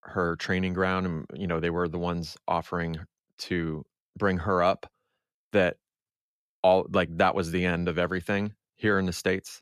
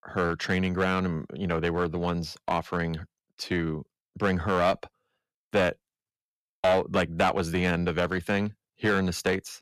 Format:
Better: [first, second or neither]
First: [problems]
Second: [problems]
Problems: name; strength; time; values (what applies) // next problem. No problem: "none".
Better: first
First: none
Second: distortion; slight; 4% of the sound clipped